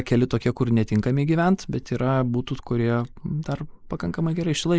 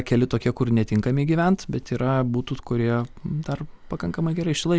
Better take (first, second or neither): second